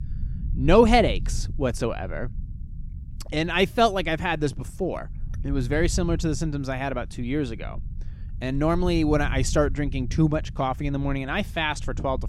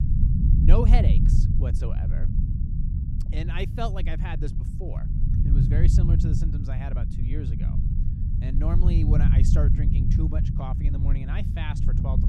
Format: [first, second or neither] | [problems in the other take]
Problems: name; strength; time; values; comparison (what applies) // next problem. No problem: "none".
first | low rumble; loud; throughout; 1 dB below the speech; faint in the first